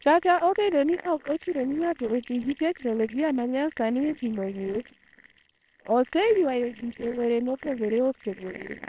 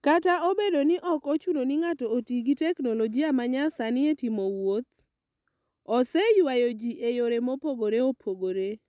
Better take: second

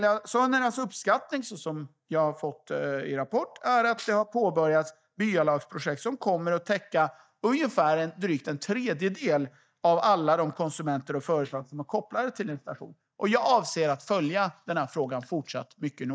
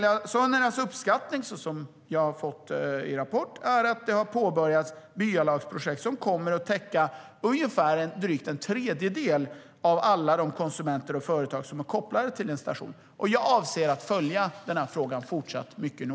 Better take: second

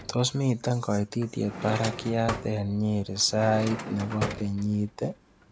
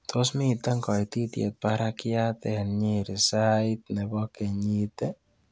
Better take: second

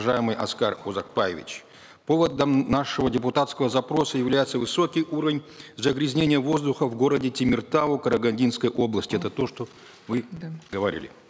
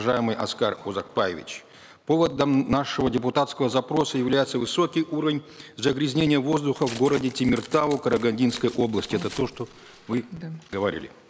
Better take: first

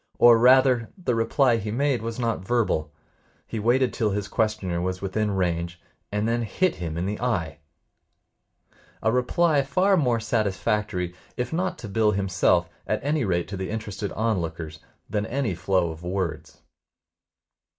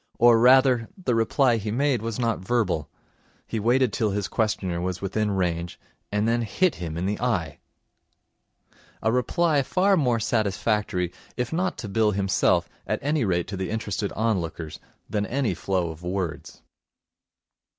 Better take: second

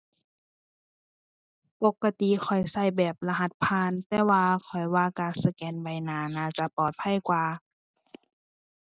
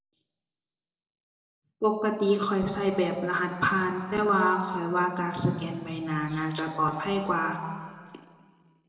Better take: first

